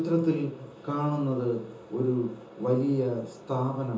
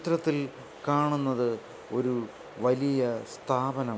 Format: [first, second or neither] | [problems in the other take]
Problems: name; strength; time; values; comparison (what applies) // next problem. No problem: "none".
second | room echo; dies away in 0.6 s